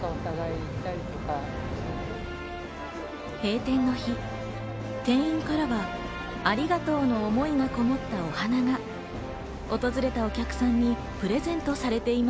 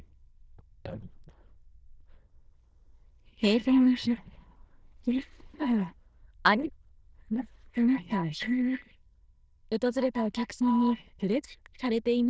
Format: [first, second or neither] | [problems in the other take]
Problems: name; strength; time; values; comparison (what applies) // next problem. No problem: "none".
first | noise reduction (neural diffusion model UNIVERSE++)